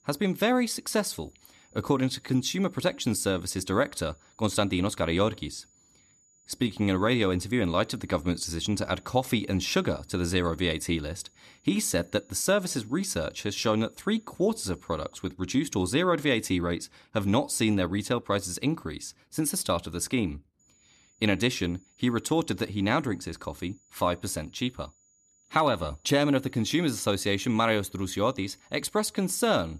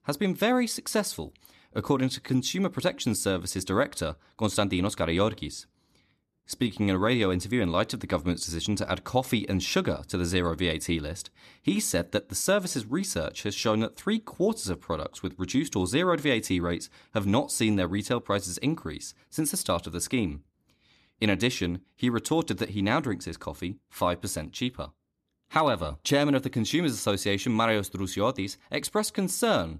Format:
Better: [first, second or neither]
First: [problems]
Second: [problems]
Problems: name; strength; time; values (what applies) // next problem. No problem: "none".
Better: second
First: high-pitched whine; faint; until 15 s and from 21 s on; 7 kHz, 35 dB below the speech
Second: none